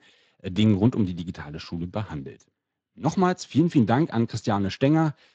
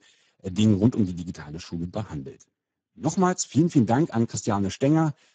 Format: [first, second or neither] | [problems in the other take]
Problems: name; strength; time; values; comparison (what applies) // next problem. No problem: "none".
first | garbled, watery; badly; nothing above 7.5 kHz; slightly in the first